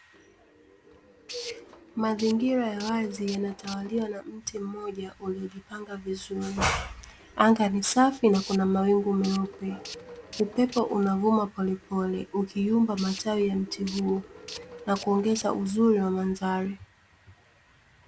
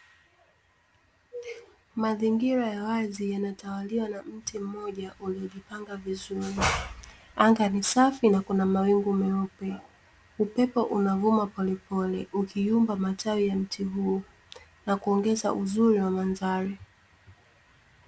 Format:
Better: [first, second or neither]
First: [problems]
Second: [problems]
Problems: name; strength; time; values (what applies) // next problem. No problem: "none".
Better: second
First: background sound (Tools); 17 dB below the speech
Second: none